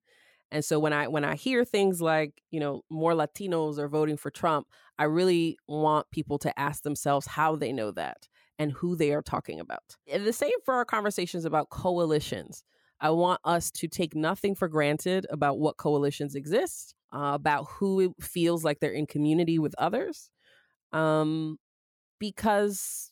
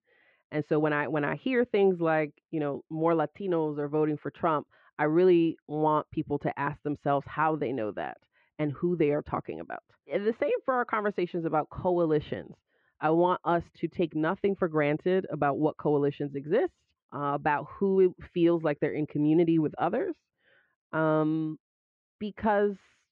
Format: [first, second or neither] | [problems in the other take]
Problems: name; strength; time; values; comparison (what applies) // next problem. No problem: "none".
first | muffled; very; fading above 2.5 kHz